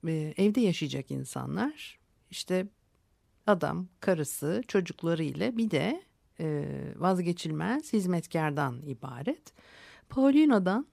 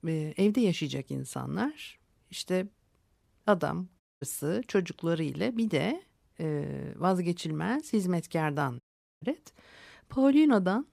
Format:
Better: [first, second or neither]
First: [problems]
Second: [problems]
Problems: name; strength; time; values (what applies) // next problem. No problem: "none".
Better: first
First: none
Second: audio cutting out; at 4 s and at 9 s